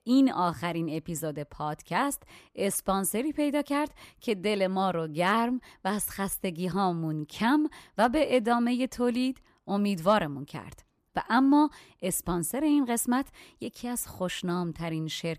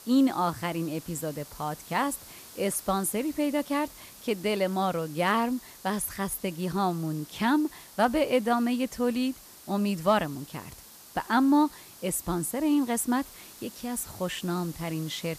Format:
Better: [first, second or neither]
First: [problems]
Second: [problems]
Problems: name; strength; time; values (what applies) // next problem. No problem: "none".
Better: first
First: none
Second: hiss; noticeable; throughout; 20 dB below the speech